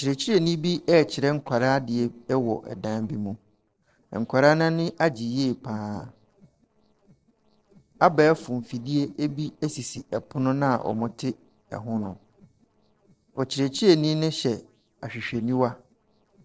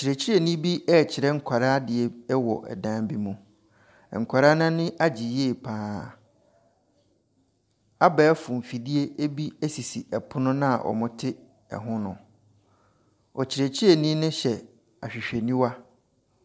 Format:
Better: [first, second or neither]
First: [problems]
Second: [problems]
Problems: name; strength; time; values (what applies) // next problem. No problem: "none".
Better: second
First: noise reduction (neural separator model SepFormer DNS4)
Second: none